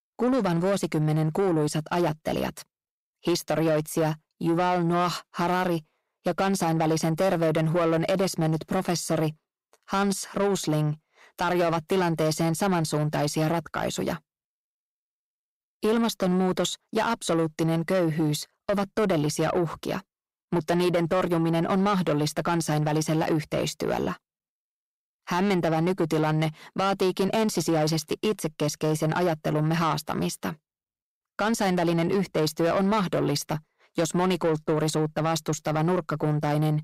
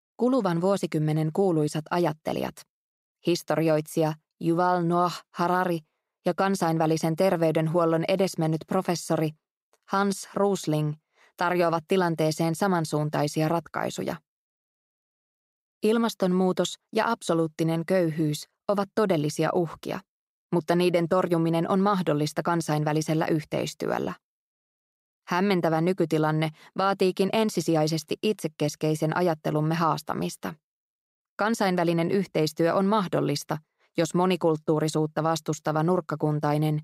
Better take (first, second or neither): second